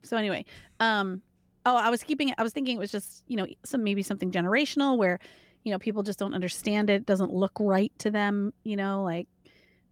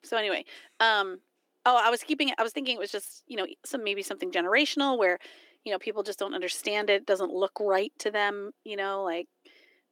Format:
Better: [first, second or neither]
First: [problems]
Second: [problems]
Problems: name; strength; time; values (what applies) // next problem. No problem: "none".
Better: first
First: none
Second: thin; somewhat; fading below 300 Hz